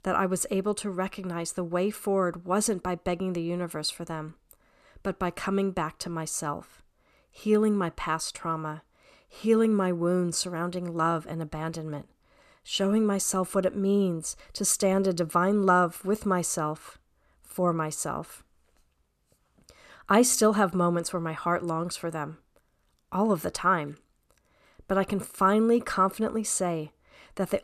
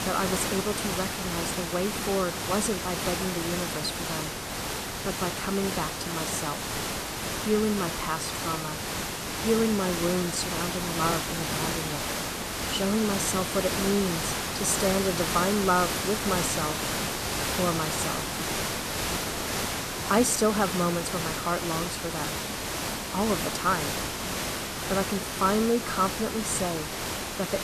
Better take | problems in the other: first | hiss; loud; throughout; 1 dB below the speech

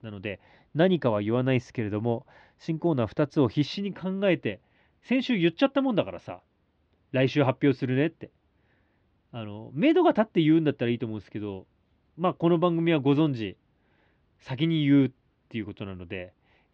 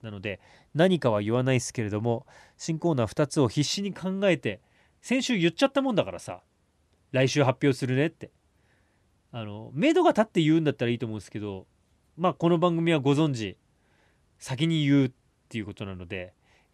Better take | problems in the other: second | muffled; slightly; fading above 4 kHz

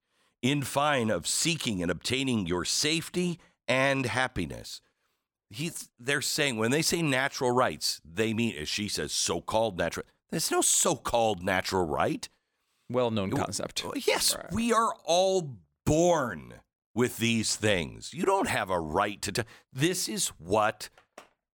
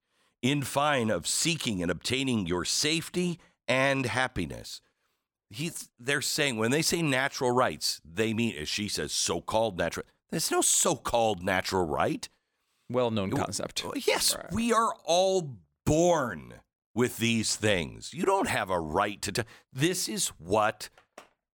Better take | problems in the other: neither | none

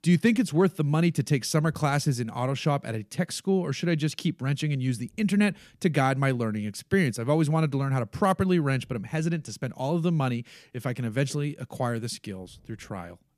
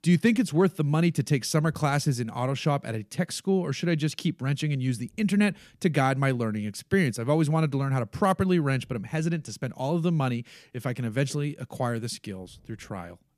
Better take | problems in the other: neither | none

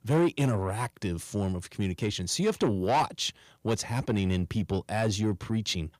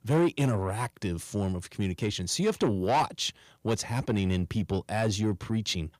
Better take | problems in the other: neither | distortion; slight; 10 dB below the speech; the same in both

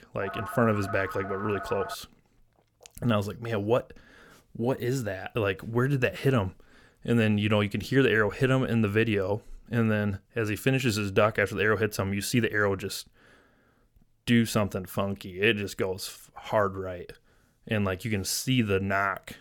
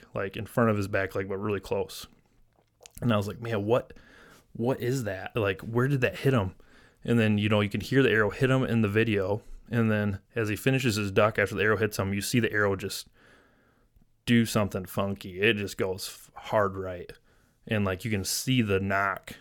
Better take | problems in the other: second | phone ringing; noticeable; until 2 s; peak 9 dB below the speech

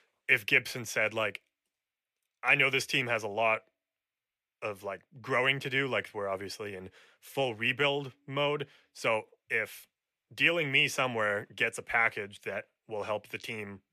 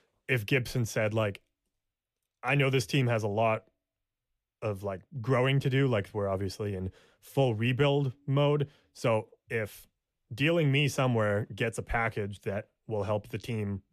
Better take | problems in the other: second | thin; somewhat; fading below 650 Hz

